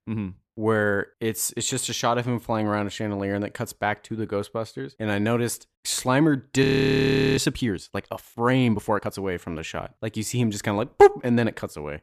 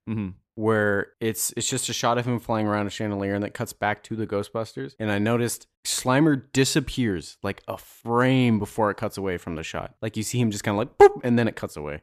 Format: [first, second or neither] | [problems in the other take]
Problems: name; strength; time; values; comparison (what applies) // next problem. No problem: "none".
second | audio freezing; at 6.5 s for 0.5 s